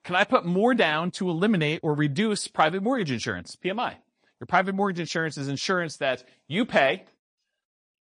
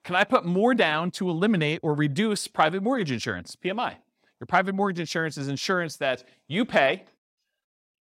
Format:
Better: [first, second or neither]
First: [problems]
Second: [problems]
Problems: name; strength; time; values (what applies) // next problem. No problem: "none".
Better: second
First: garbled, watery; slightly; nothing above 9.5 kHz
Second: none